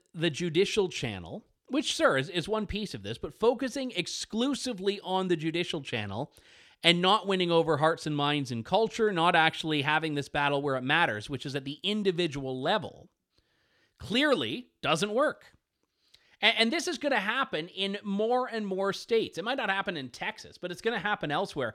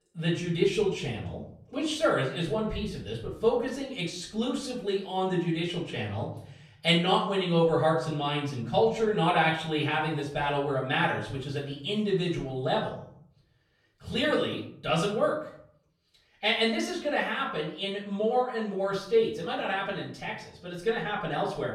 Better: first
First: none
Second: off-mic speech; far // room echo; noticeable; dies away in 0.6 s

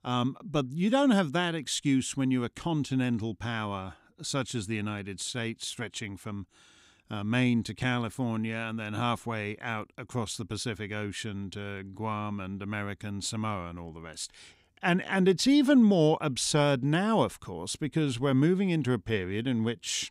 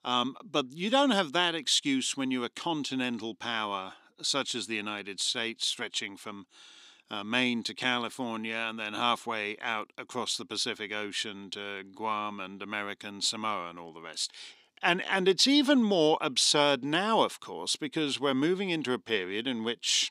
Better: first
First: none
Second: thin; very slightly; fading below 300 Hz

